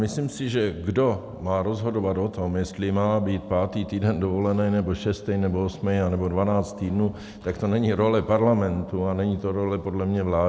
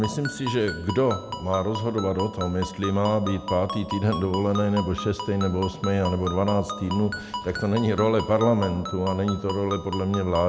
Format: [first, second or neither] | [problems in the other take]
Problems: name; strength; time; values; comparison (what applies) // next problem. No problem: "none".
first | background sound (Ringtone); 11 dB below the speech